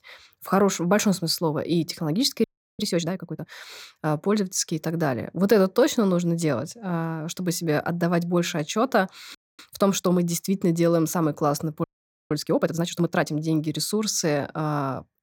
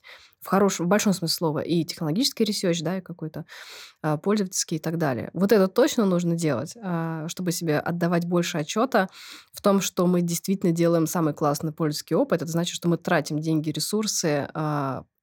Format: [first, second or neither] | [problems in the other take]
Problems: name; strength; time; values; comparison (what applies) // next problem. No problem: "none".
second | audio freezing; at 2.5 s, at 9.5 s and at 12 s